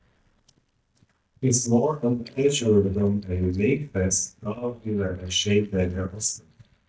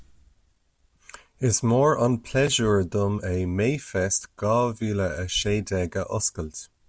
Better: second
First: noise reduction (neural mask model DeepFilterNet 3)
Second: none

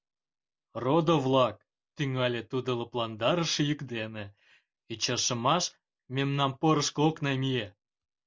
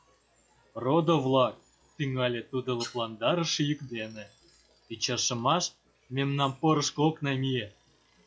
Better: first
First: none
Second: noise reduction (classical method log-MMSE)

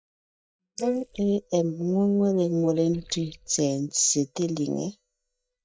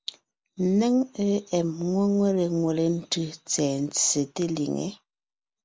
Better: second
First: noise reduction (neural mask model DeepFilterNet 3)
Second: none

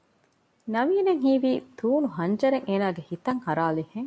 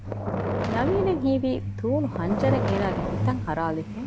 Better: first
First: none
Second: background sound (Boom + Truck); 1 dB below the speech

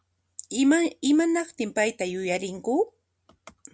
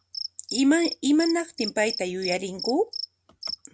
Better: first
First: none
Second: background sound (Cricket); 11 dB below the speech

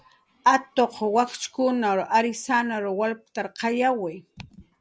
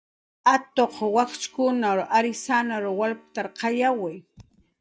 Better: first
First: none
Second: noise reduction (neural mask model DeepFilterNet 3)

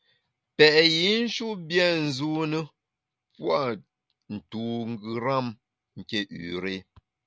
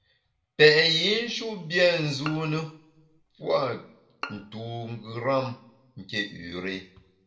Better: first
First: none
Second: background sound (Bowed string instrument); 17 dB below the speech // room echo; dies away in 0.4 s

